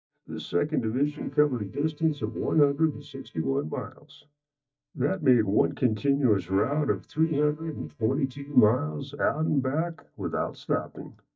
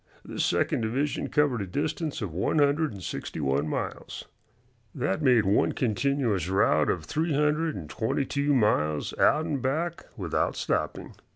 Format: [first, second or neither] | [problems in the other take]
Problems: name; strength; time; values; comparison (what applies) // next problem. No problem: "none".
second | noise reduction (neural mask model DeepFilterNet 3)